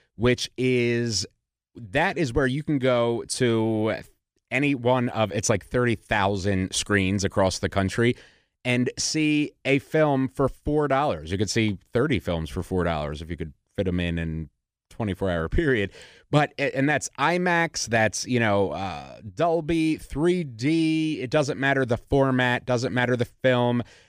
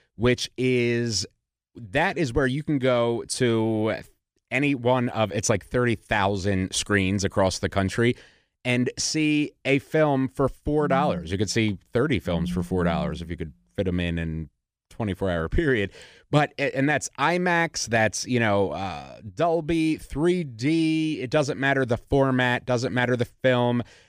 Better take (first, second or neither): first